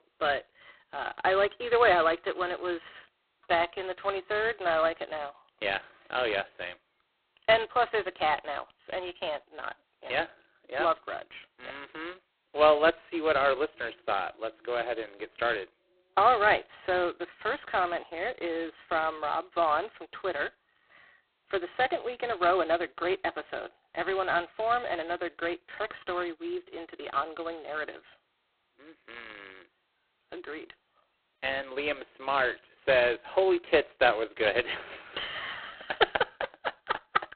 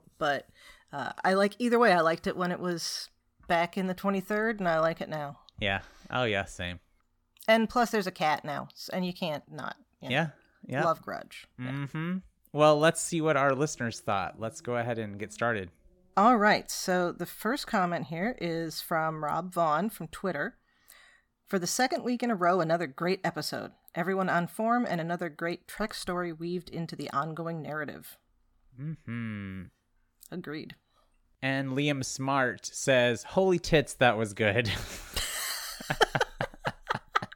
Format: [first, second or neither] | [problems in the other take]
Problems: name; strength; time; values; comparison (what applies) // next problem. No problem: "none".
second | phone-call audio; poor line; nothing above 4 kHz